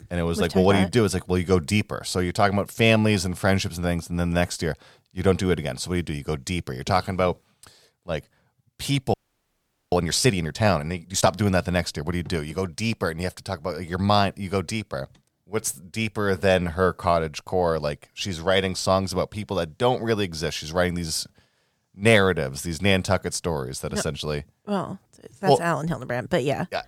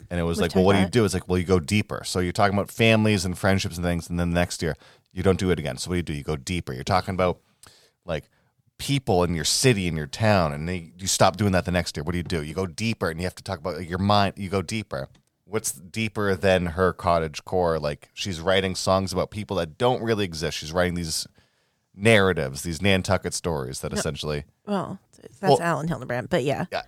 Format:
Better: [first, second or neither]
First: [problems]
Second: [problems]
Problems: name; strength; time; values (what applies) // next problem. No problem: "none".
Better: second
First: audio freezing; at 9 s for 1 s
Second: none